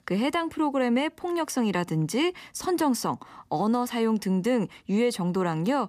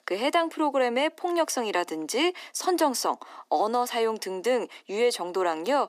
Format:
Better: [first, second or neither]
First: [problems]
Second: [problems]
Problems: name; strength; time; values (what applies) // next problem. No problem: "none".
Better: first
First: none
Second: thin; somewhat; fading below 300 Hz